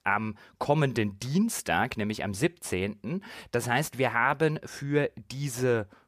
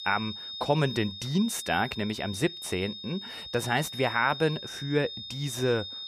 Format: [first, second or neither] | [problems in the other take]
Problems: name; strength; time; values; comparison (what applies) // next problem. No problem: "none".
first | high-pitched whine; loud; throughout; 3.5 kHz, 8 dB below the speech